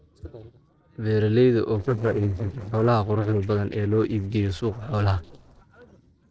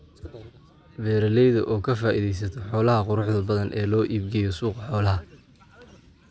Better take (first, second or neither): second